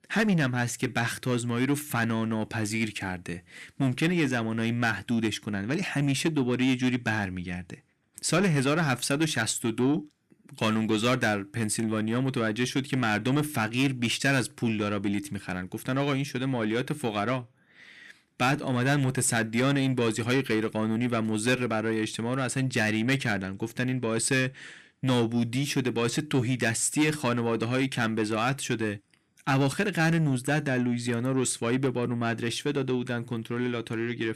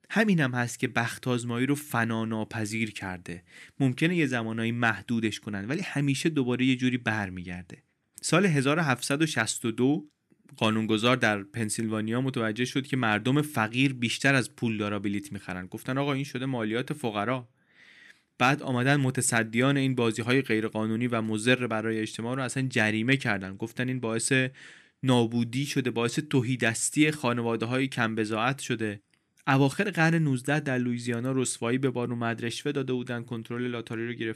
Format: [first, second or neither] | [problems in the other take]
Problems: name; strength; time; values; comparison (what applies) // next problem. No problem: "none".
second | distortion; slight; 10 dB below the speech